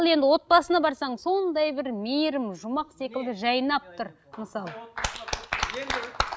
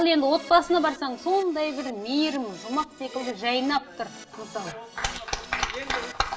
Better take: first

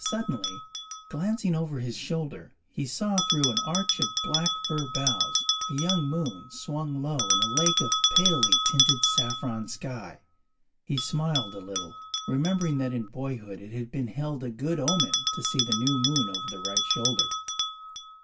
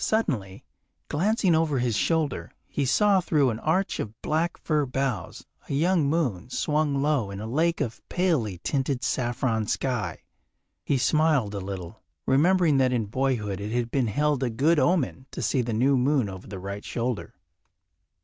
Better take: second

